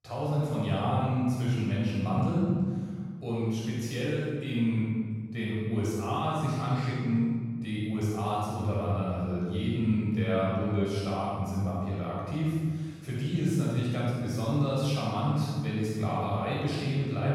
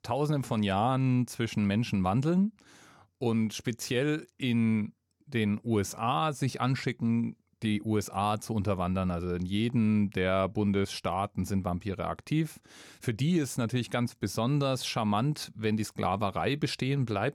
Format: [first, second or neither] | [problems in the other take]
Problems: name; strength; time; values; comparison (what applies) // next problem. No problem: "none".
second | off-mic speech; far // room echo; strong; dies away in 1.9 s